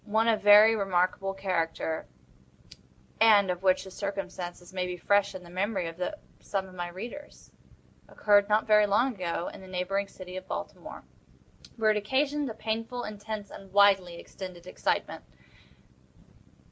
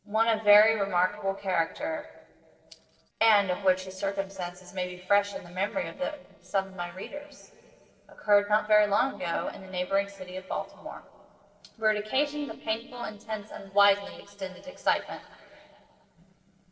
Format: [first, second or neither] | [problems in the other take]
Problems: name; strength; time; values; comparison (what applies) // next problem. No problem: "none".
first | noise reduction (neural separator model SepFormer DNS4)